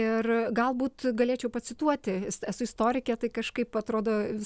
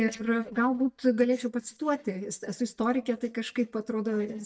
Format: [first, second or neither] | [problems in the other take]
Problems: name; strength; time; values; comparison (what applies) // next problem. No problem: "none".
first | noise reduction (neural mask model DeepFilterNet 3)